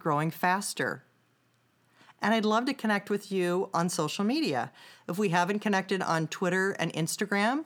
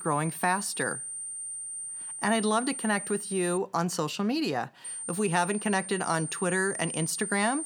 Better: first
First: none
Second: high-pitched whine; loud; until 3.5 s and from 5 s on; 9 kHz, 6 dB below the speech

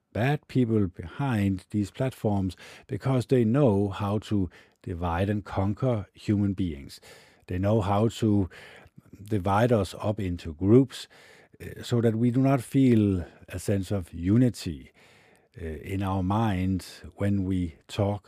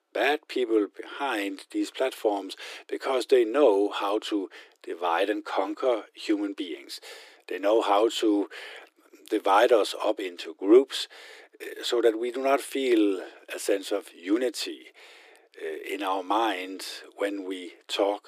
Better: first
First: none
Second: thin; very; fading below 300 Hz

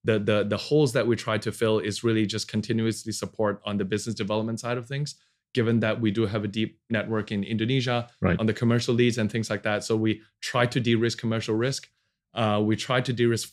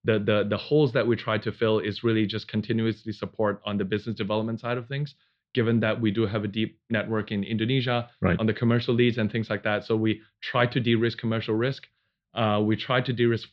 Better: first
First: none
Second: muffled; slightly; fading above 4 kHz

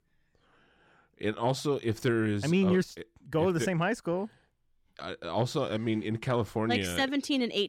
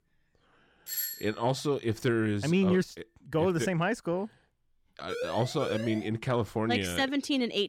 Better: first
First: none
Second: doorbell; noticeable; at 1 s; peak 3 dB below the speech // siren; noticeable; at 5 s; peak 7 dB below the speech

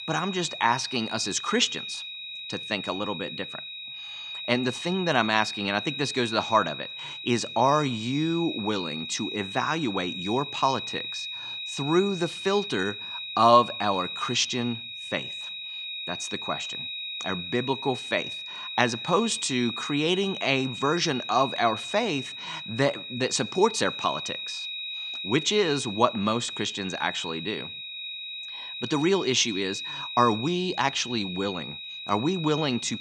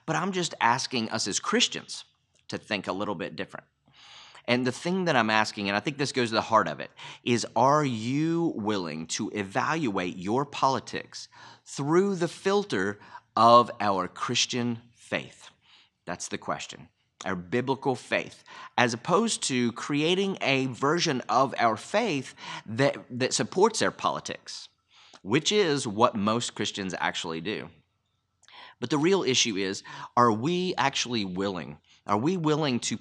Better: second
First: high-pitched whine; loud; throughout; 4 kHz, 7 dB below the speech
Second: none

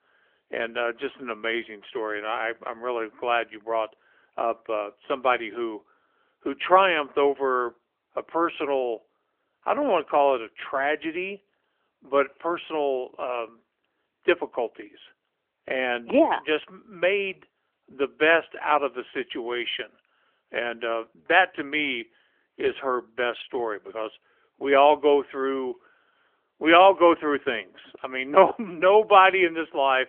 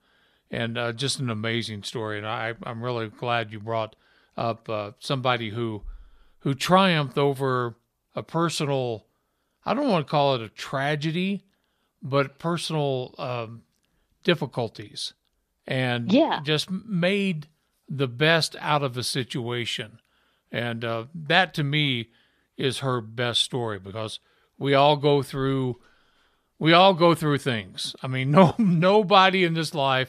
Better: second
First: phone-call audio; nothing above 3.5 kHz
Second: none

